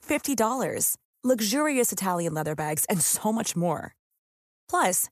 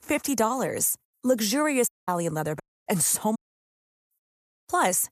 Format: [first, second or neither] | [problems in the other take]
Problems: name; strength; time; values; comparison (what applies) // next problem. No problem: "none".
first | audio cutting out; at 2 s, at 2.5 s and at 3.5 s for 0.5 s